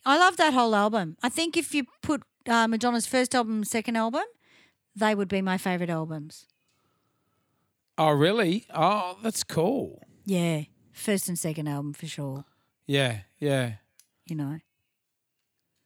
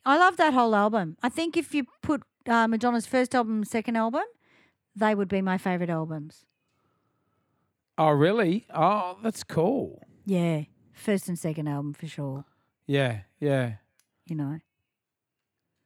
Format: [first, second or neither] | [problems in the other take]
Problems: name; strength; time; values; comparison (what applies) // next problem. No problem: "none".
first | muffled; slightly; fading above 2.5 kHz